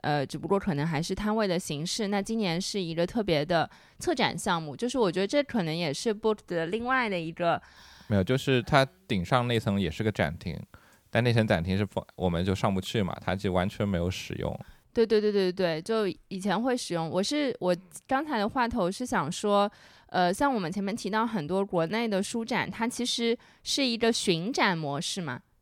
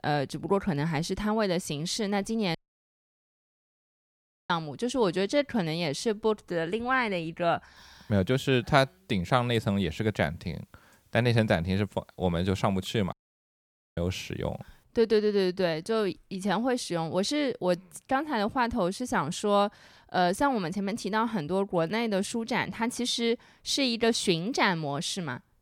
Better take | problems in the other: first | audio cutting out; at 2.5 s for 2 s and at 13 s for 1 s

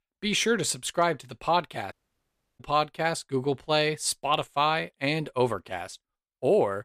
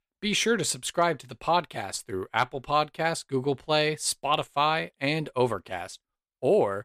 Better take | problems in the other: second | audio cutting out; at 2 s for 0.5 s

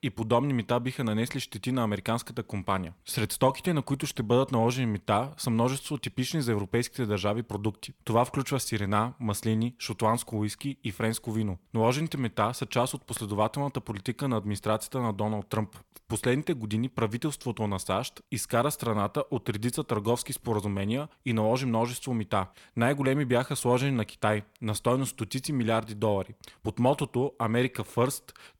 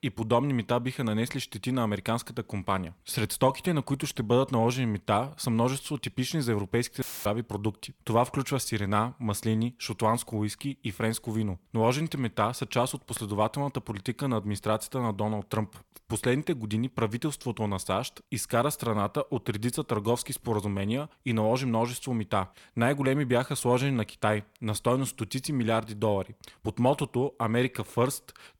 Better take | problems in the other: first | audio cutting out; filled with static; at 7 s

